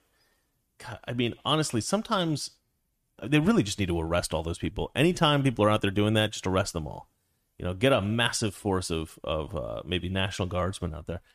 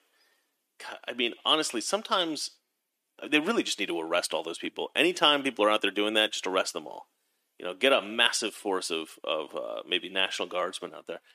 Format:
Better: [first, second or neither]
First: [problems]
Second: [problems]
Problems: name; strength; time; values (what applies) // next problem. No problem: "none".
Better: first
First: none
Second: thin; somewhat; fading below 300 Hz